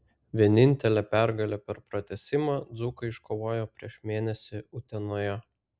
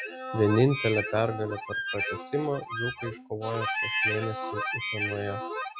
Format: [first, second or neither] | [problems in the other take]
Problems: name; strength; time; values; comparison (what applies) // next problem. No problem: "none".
first | noise reduction (classical method log-MMSE)